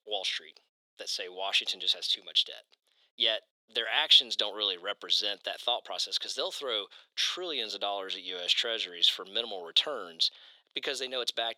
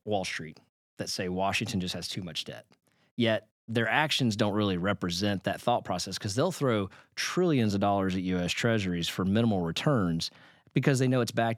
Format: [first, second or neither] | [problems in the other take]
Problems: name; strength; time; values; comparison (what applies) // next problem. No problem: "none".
second | thin; very; fading below 450 Hz